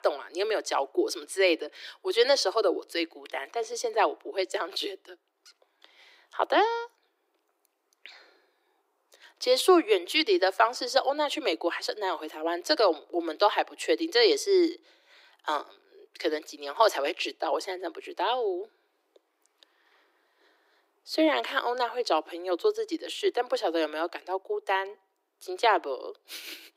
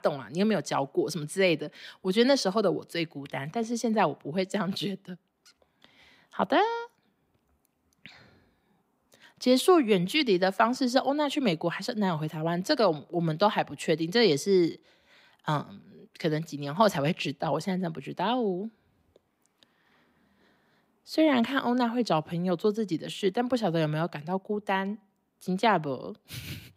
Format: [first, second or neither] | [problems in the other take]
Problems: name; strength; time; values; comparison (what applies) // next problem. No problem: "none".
second | thin; very; fading below 300 Hz